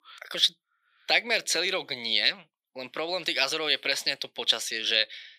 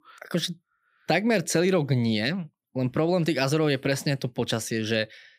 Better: second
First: thin; very; fading below 600 Hz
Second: none

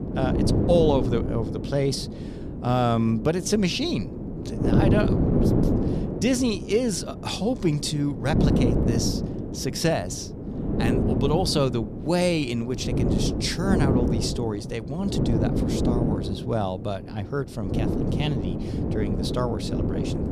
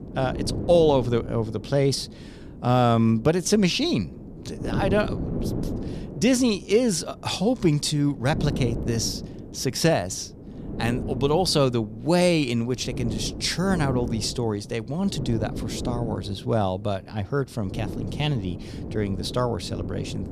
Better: second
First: wind noise on the microphone; heavy; 4 dB below the speech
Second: wind noise on the microphone; occasional gusts; 15 dB below the speech

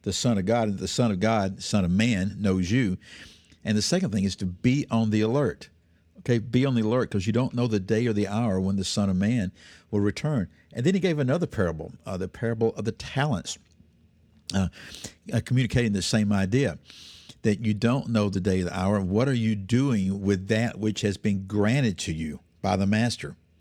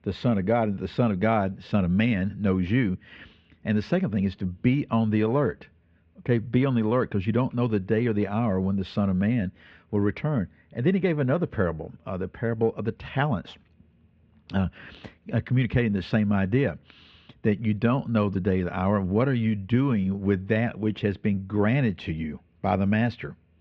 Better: first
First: none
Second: muffled; very; fading above 3 kHz

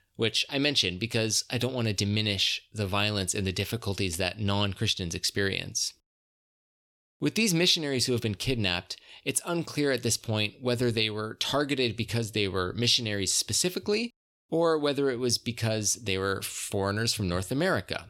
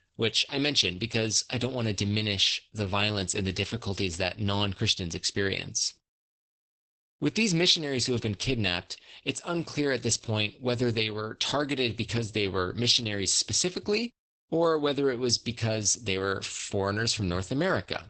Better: first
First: none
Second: garbled, watery; badly; nothing above 8 kHz

